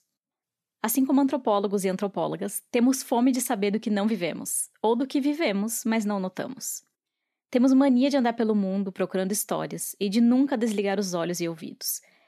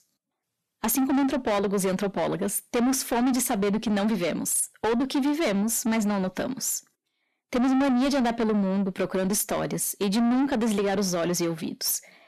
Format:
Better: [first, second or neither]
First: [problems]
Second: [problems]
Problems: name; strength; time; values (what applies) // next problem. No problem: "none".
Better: first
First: none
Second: distortion; heavy; 8 dB below the speech